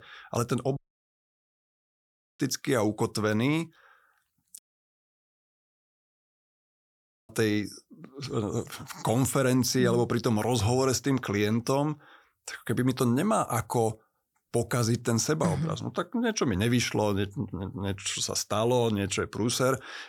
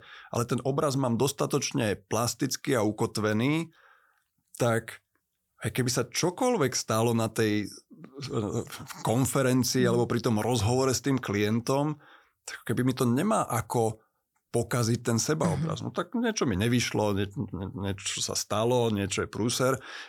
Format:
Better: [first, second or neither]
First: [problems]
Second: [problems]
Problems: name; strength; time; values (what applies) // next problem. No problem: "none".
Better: second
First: audio cutting out; at 1 s for 1.5 s and at 4.5 s for 2.5 s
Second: none